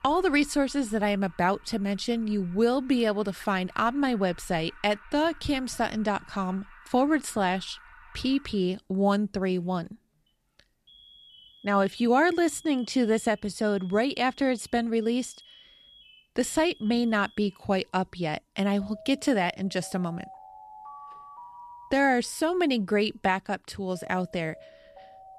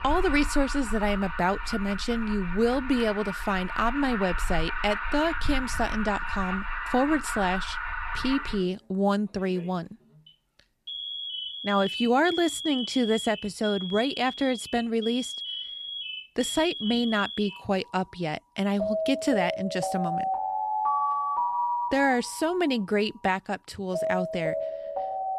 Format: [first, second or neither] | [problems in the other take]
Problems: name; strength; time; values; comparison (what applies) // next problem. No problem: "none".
first | alarms or sirens; loud; throughout; 5 dB below the speech; faint in the first